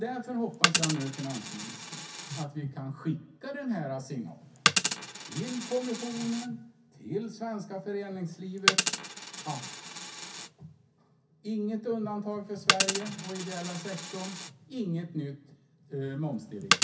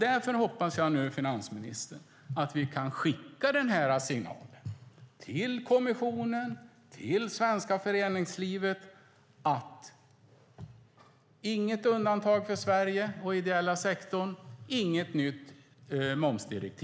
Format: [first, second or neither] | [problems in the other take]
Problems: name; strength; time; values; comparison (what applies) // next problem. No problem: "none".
second | background sound (Coin (dropping)); 2 dB above the speech // room echo; dies away in 0.3 s